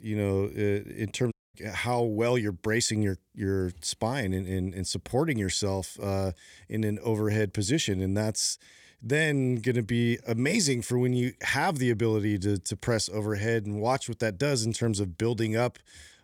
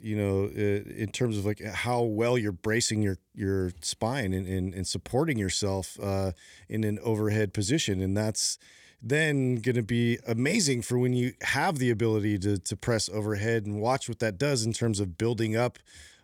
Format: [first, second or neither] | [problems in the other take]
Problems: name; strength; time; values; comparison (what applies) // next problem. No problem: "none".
second | audio cutting out; at 1.5 s